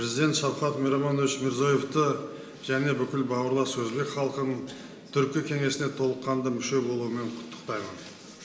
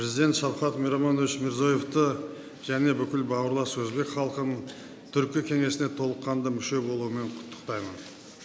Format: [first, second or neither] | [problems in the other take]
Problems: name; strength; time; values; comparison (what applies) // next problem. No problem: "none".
second | room echo; dies away in 0.8 s